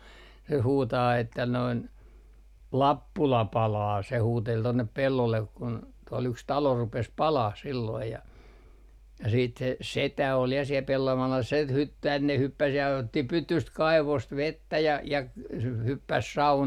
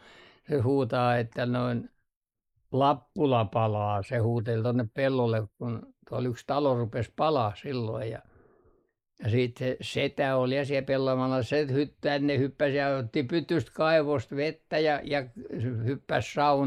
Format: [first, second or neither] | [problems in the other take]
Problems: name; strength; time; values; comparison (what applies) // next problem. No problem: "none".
first | noise reduction (neural mask model Resemble Enhance denoiser)